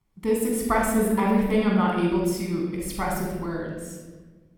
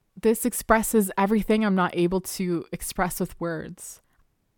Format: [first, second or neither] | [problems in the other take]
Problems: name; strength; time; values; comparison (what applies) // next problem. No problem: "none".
second | room echo; noticeable; dies away in 1.2 s // off-mic speech; somewhat distant